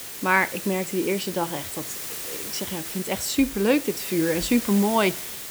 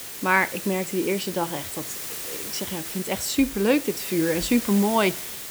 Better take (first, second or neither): neither